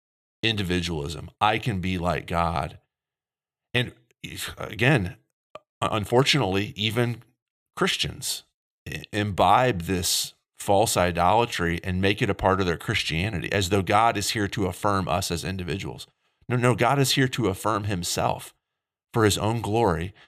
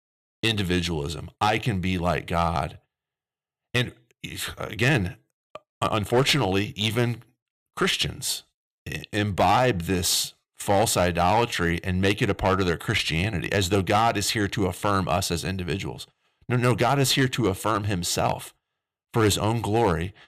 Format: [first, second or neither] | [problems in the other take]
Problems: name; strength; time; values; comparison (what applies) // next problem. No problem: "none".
first | distortion; slight; 4% of the sound clipped